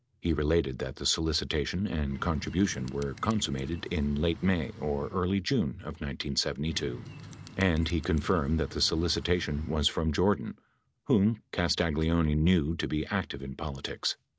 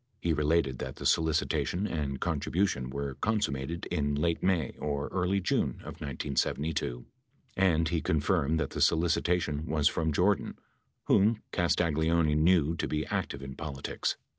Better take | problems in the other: second | background sound (Bird); 17 dB below the speech

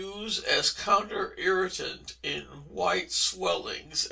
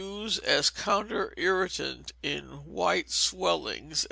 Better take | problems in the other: second | room echo; dies away in 0.2 s

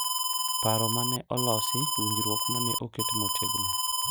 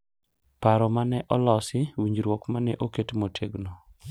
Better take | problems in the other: second | background sound (Alarm); 4 dB above the speech

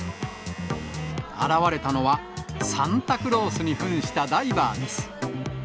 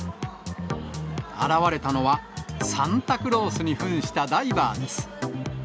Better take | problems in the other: second | background sound (Domestic sounds, home sounds + Wind instrument, woodwind instrument); 17 dB below the speech

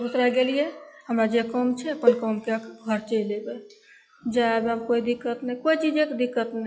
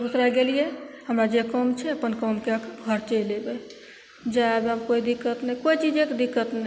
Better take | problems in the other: second | noise reduction (classical method log-MMSE)

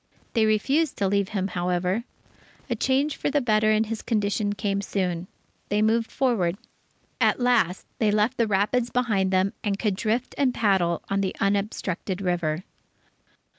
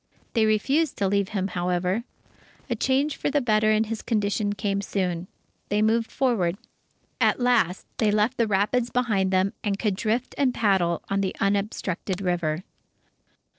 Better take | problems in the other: first | noise reduction (neural separator model SepFormer DNS4)

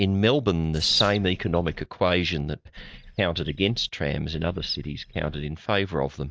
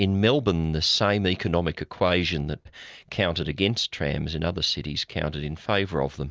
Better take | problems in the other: second | noise reduction (neural mask model DeepFilterNet 3)

